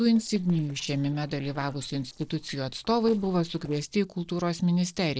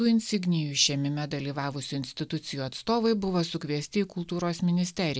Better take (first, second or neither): second